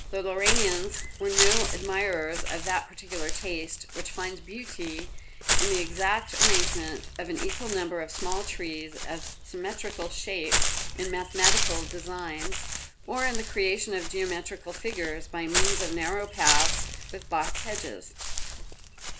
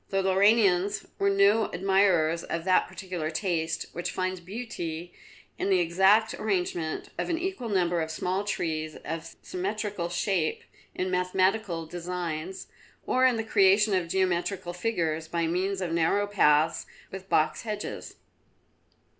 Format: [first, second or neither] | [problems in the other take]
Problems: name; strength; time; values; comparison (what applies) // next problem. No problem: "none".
second | background sound (Walk, footsteps / Bird); 3 dB above the speech